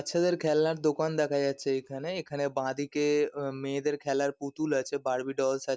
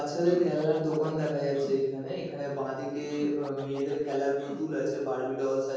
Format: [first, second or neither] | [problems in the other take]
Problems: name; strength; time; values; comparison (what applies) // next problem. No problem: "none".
first | noise reduction (neural separator model SepFormer DNS4)